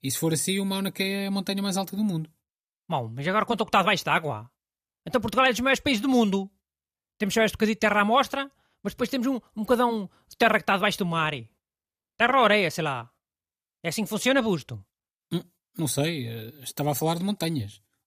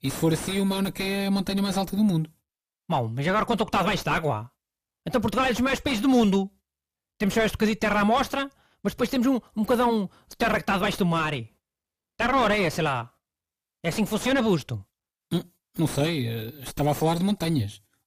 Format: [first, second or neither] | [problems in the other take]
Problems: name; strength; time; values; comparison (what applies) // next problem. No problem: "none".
first | distortion; heavy; 6 dB below the speech